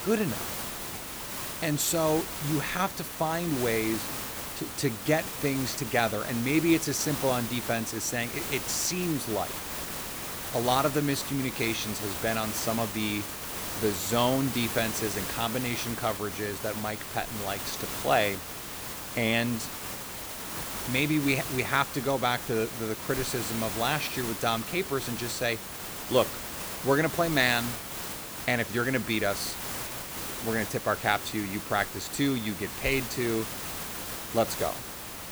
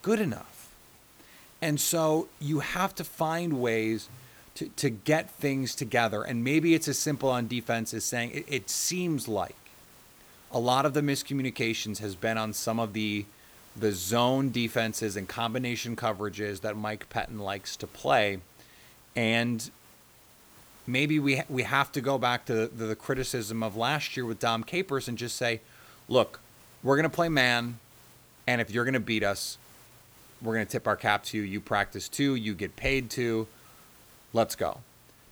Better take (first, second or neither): second